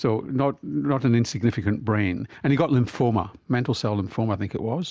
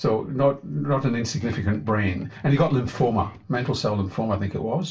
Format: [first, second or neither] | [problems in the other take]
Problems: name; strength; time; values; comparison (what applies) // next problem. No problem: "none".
first | background sound (Guitar); 19 dB below the speech // room echo; dies away in 0.2 s